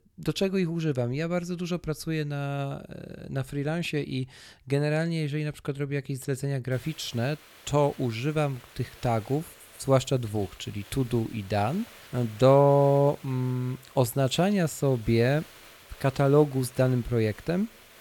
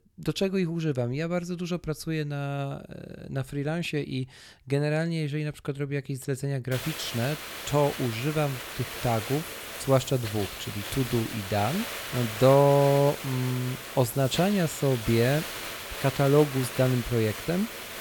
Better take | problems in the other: first | hiss; loud; from 6.5 s on; 8 dB below the speech; faint in the first

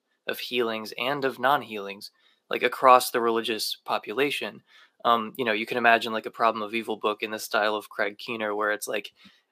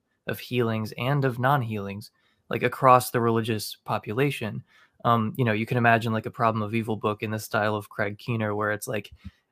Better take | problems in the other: second | thin; somewhat; fading below 300 Hz

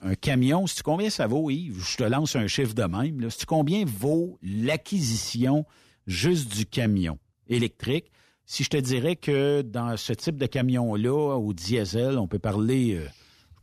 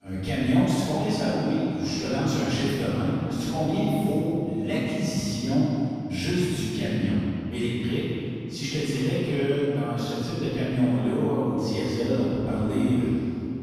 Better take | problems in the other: first | off-mic speech; far // room echo; strong; dies away in 2.8 s

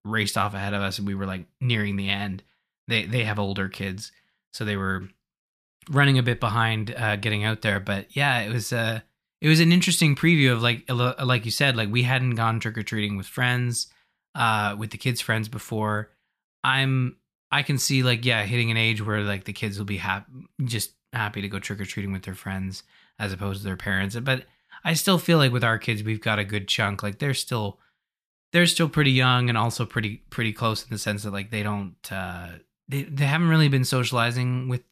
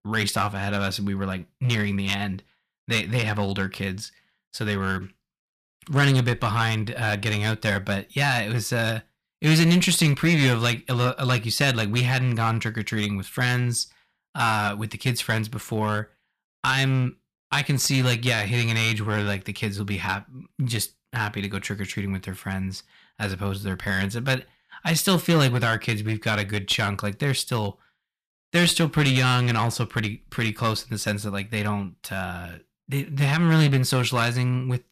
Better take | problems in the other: first | distortion; slight; 5% of the sound clipped

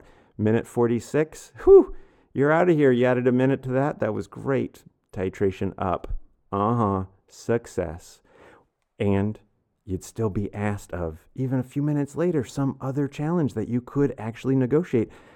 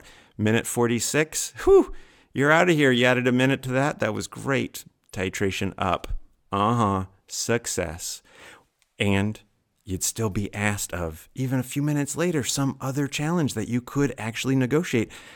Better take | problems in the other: second | muffled; slightly; fading above 2 kHz

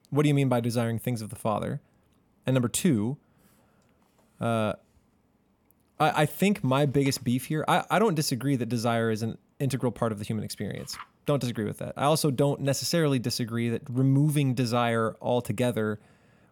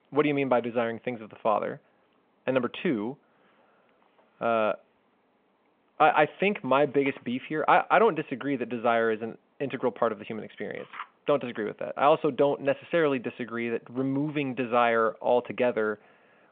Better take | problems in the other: first | phone-call audio

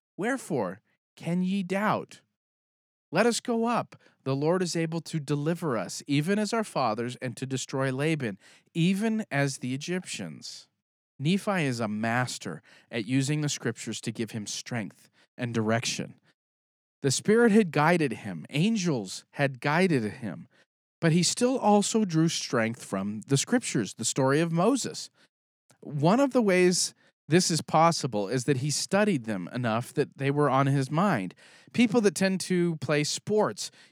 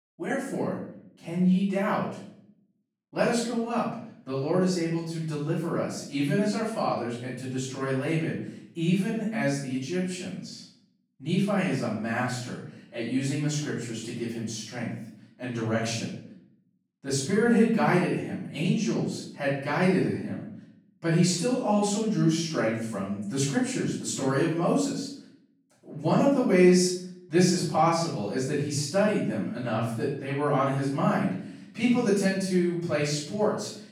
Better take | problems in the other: first | room echo; noticeable; dies away in 0.6 s // off-mic speech; far

